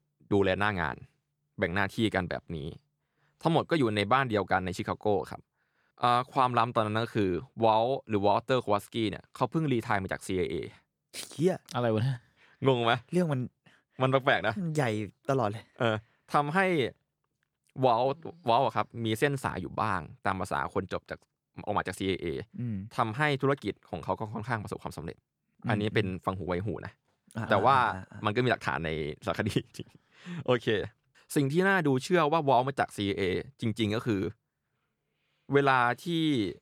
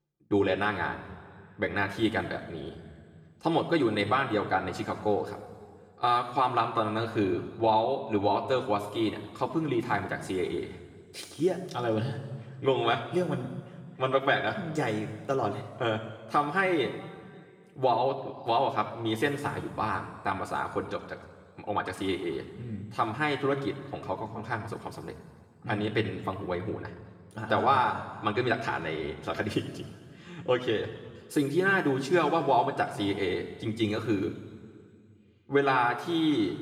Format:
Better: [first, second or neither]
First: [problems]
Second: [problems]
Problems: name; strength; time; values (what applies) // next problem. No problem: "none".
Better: first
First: none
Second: room echo; noticeable; dies away in 1.8 s // off-mic speech; somewhat distant